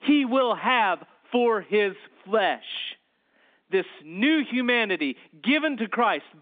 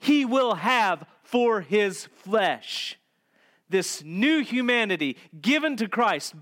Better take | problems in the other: second | phone-call audio; nothing above 3.5 kHz

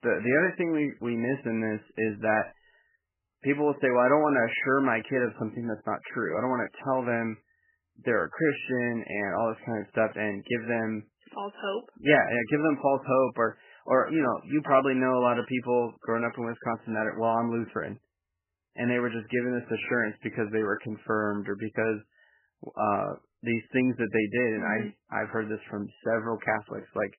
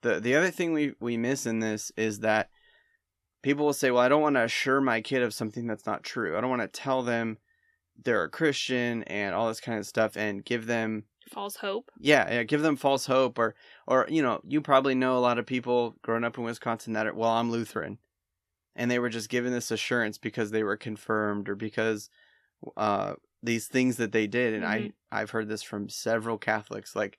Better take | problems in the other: second | garbled, watery; badly; nothing above 3 kHz

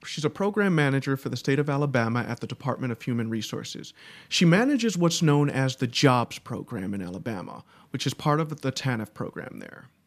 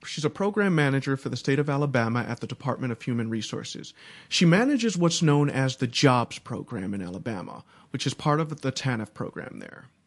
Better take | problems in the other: first | garbled, watery; slightly; nothing above 11 kHz

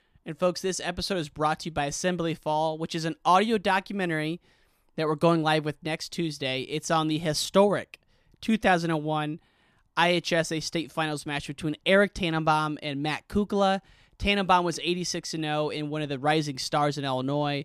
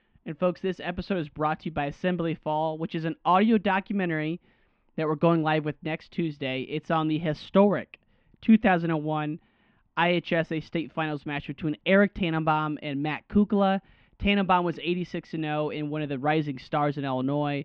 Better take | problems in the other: first | muffled; very; fading above 3 kHz

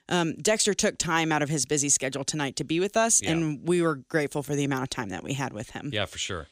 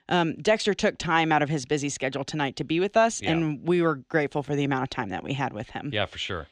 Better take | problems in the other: first | muffled; slightly; fading above 3 kHz

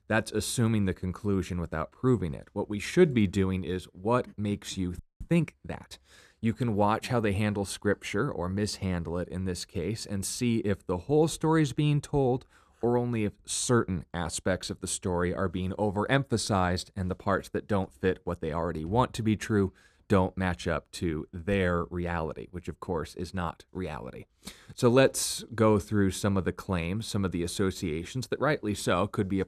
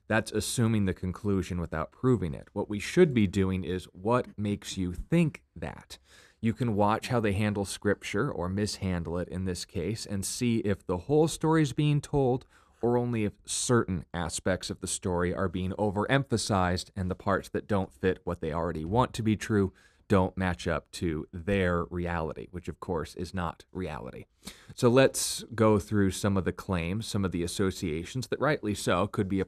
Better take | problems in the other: second | audio freezing; at 5 s

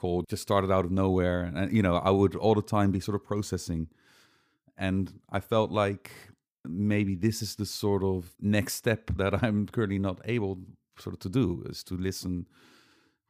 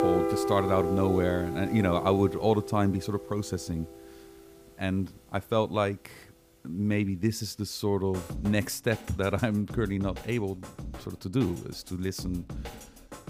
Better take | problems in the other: first | background music; loud; throughout; 7 dB below the speech

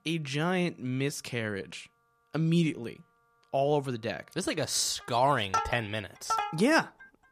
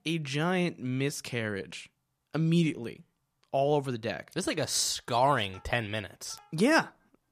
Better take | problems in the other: second | background music; loud; throughout; 4 dB below the speech; faint in the second

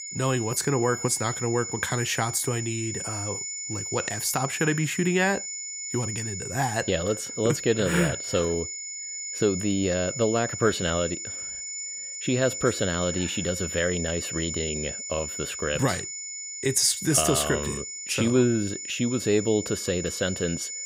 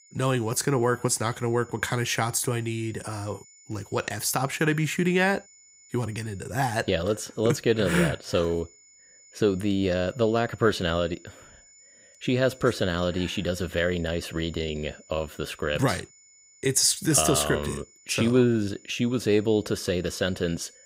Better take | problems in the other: second | high-pitched whine; loud; throughout; 7 kHz, 6 dB below the speech; faint in the second

